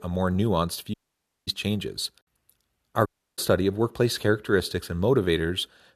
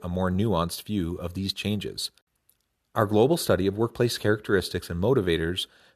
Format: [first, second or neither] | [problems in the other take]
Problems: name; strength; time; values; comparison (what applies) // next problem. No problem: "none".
second | audio cutting out; at 1 s for 0.5 s and at 3 s